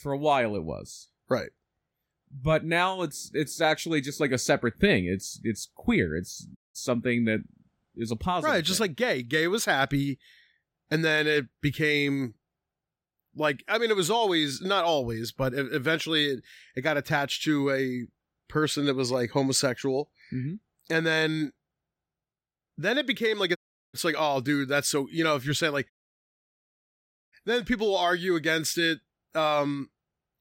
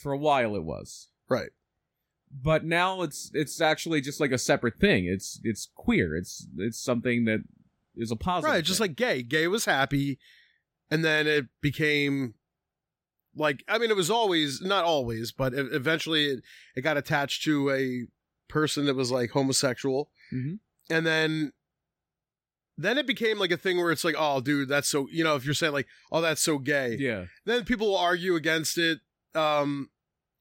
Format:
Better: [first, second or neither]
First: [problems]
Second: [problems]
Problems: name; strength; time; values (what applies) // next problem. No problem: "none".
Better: second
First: audio cutting out; at 6.5 s, at 24 s and at 26 s for 1.5 s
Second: none